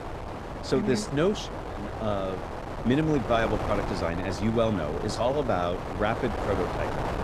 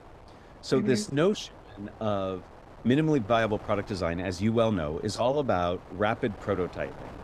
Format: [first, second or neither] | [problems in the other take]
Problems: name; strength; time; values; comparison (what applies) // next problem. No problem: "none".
second | wind noise on the microphone; heavy; 5 dB below the speech; occasional gusts in the second